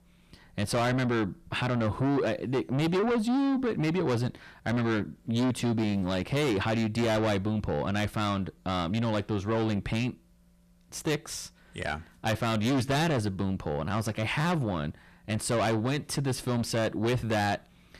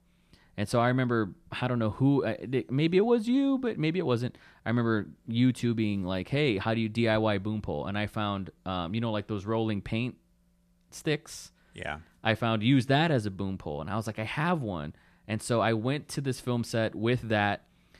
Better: second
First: distortion; heavy; 7 dB below the speech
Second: none

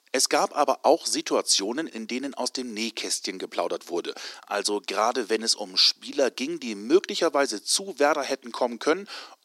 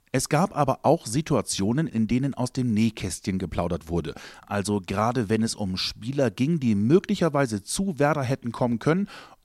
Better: second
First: thin; somewhat; fading below 300 Hz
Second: none

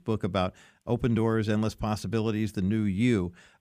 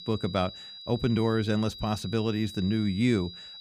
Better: first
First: none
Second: high-pitched whine; noticeable; throughout; 4 kHz, 15 dB below the speech

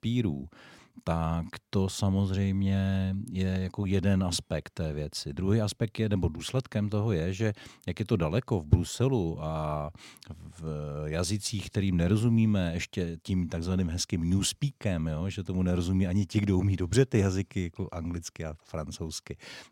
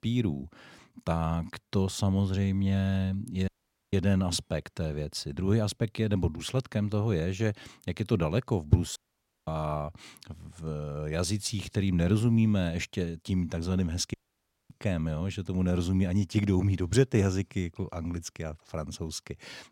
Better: first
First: none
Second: audio cutting out; at 3.5 s, at 9 s for 0.5 s and at 14 s for 0.5 s

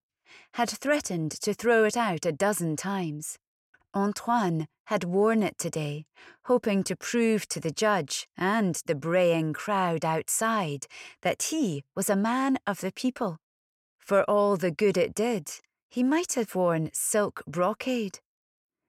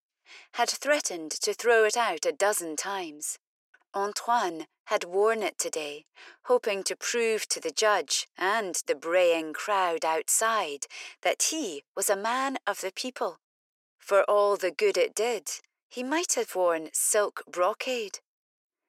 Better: first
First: none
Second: thin; very; fading below 350 Hz

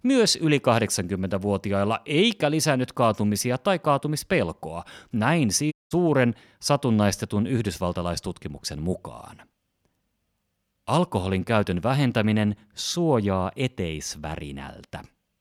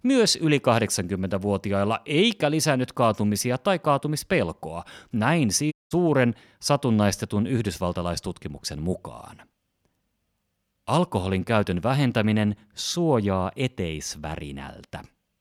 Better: neither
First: audio cutting out; at 5.5 s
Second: audio cutting out; at 5.5 s

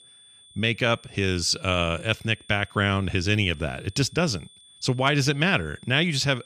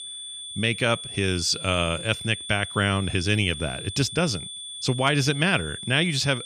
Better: first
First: high-pitched whine; faint; throughout; 3.5 kHz, 25 dB below the speech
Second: high-pitched whine; loud; throughout; 3.5 kHz, 10 dB below the speech

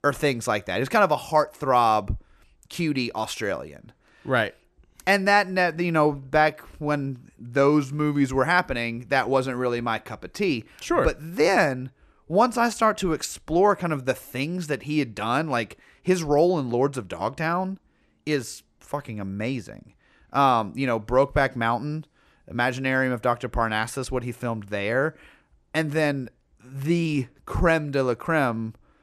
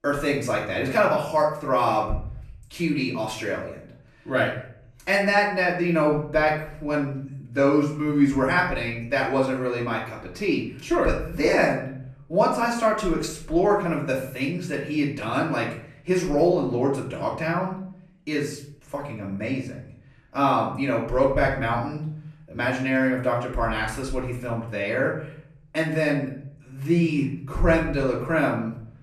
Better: first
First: none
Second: off-mic speech; far // room echo; slight; dies away in 0.6 s

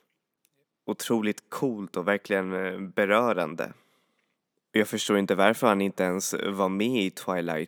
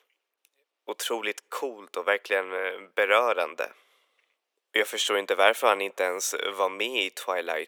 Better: first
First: none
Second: thin; very; fading below 450 Hz

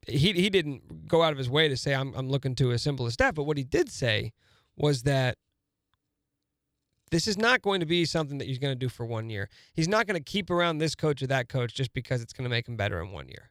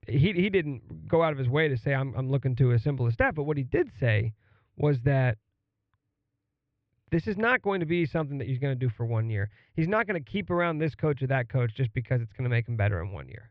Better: first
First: none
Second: muffled; very; fading above 2.5 kHz

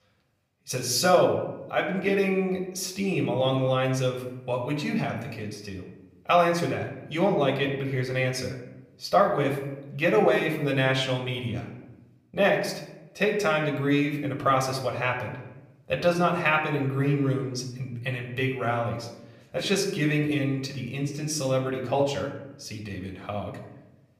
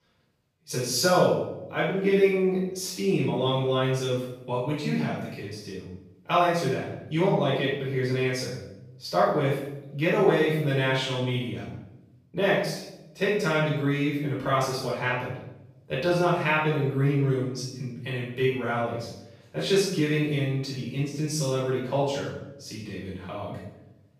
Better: first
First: room echo; slight; dies away in 0.8 s // off-mic speech; somewhat distant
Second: room echo; strong; dies away in 0.7 s // off-mic speech; far

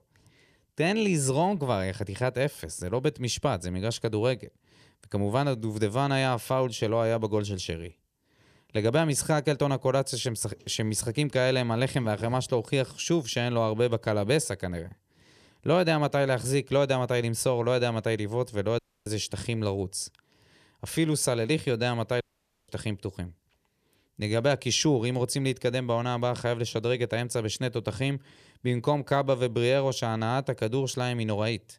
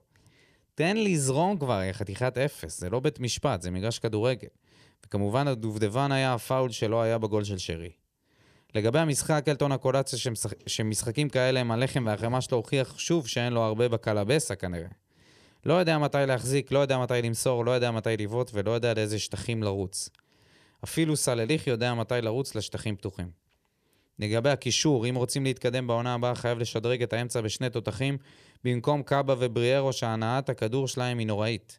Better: second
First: audio cutting out; at 19 s and at 22 s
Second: none

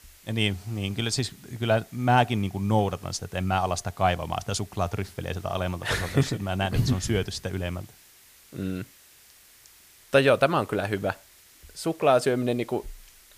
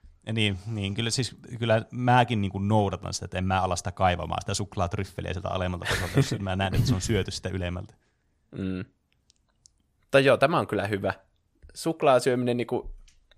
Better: second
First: hiss; faint; throughout; 25 dB below the speech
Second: none

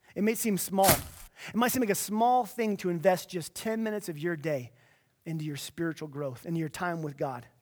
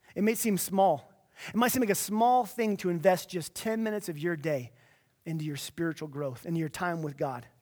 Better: second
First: footsteps; loud; at 1 s; peak 4 dB above the speech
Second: none

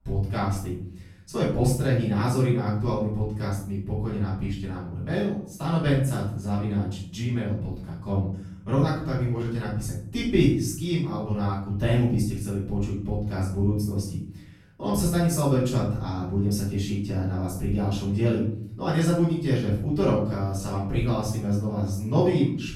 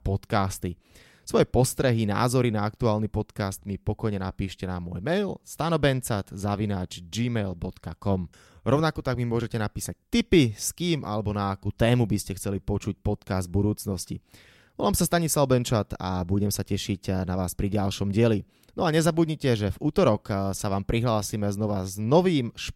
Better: second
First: off-mic speech; far // room echo; noticeable; dies away in 0.6 s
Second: none

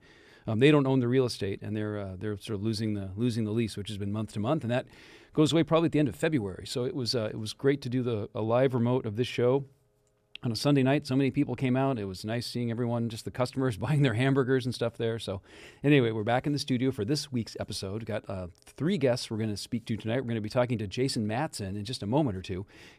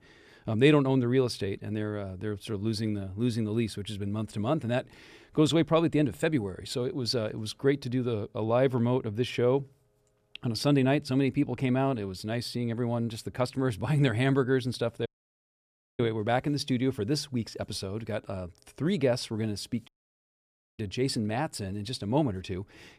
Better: first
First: none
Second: audio cutting out; at 15 s for 1 s and at 20 s for 1 s

